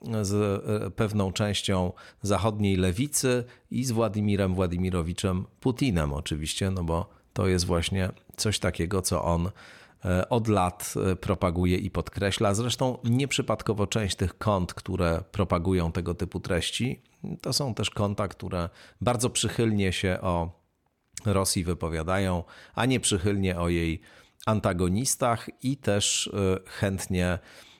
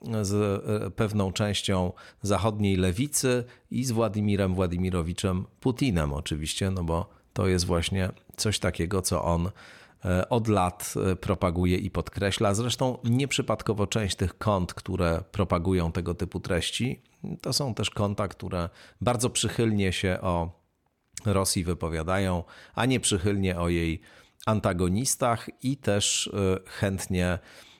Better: neither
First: none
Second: none

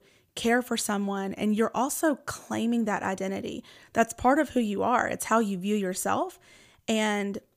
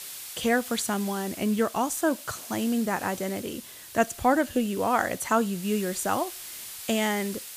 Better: first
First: none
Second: hiss; noticeable; throughout; 10 dB below the speech

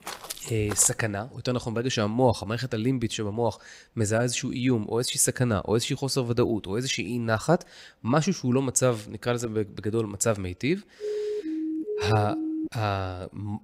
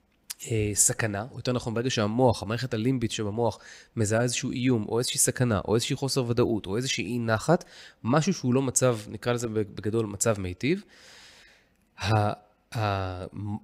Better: second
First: footsteps; faint; at the start; peak 10 dB below the speech // siren; noticeable; from 11 to 13 s; peak 4 dB below the speech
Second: none

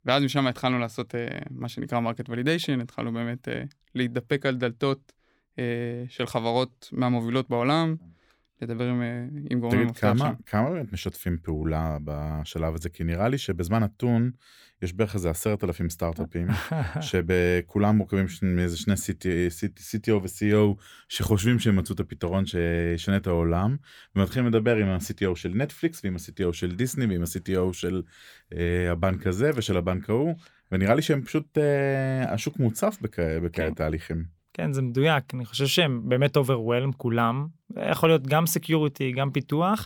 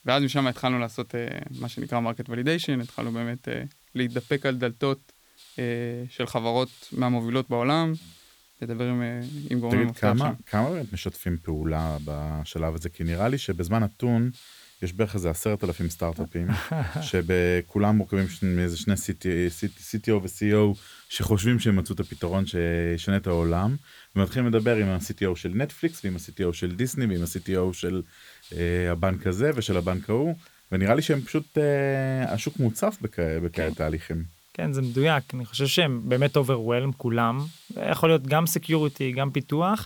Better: first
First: none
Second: hiss; faint; throughout; 25 dB below the speech

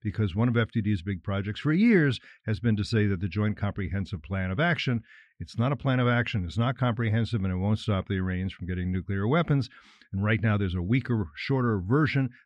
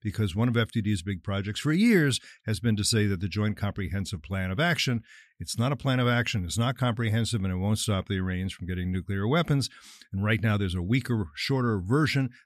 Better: second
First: muffled; slightly; fading above 2.5 kHz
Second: none

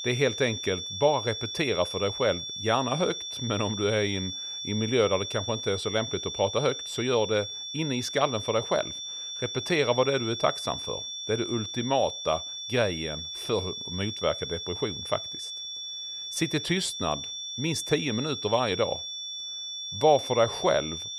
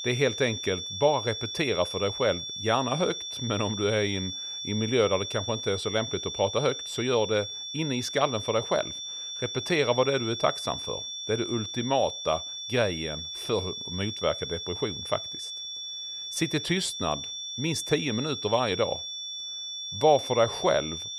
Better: neither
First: high-pitched whine; loud; throughout; 3.5 kHz, 5 dB below the speech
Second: high-pitched whine; loud; throughout; 3.5 kHz, 5 dB below the speech

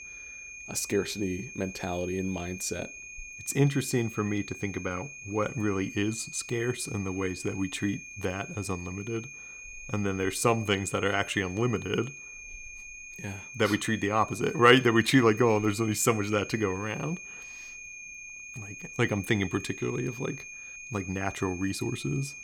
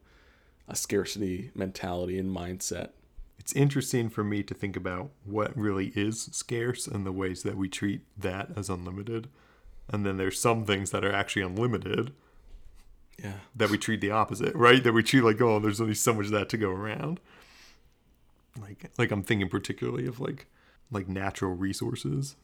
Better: second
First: high-pitched whine; noticeable; throughout; 2.5 kHz, 10 dB below the speech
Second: none

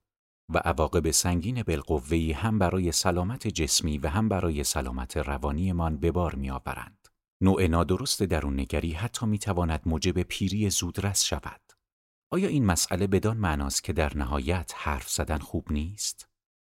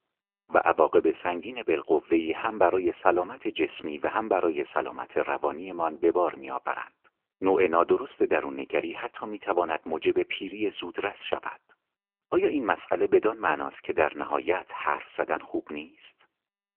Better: first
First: none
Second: phone-call audio; poor line; nothing above 3 kHz

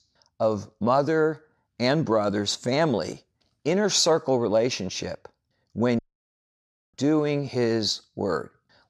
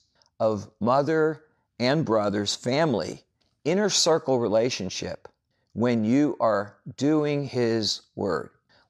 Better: second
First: audio cutting out; at 6 s for 1 s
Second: none

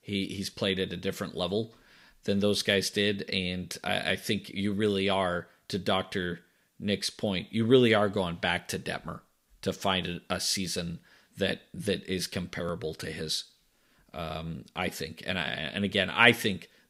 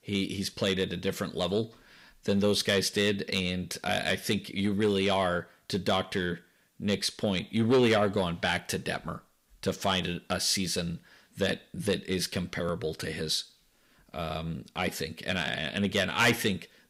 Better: first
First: none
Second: distortion; slight; 10 dB below the speech

